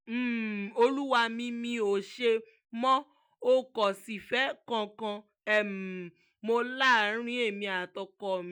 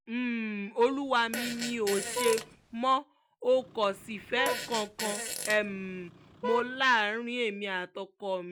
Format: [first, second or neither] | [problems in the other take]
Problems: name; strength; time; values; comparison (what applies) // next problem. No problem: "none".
first | background sound (Vehicle horn, car horn, honking + Fart); 7 dB below the speech